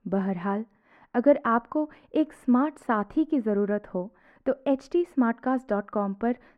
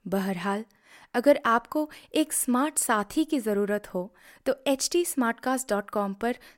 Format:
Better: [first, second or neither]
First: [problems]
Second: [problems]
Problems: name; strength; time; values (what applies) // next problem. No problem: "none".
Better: second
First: muffled; very; fading above 4 kHz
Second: none